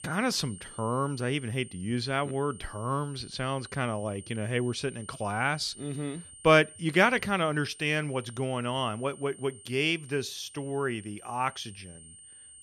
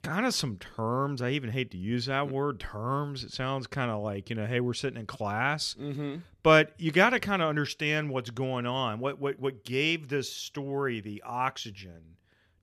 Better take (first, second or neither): second